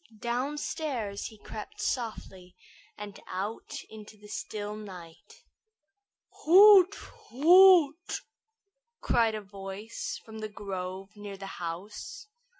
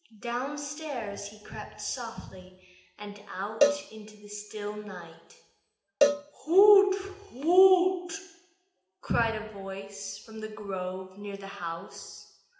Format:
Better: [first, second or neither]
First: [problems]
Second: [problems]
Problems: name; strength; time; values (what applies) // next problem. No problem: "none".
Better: first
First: none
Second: background sound (Cowbell); 2 dB below the speech // room echo; dies away in 0.8 s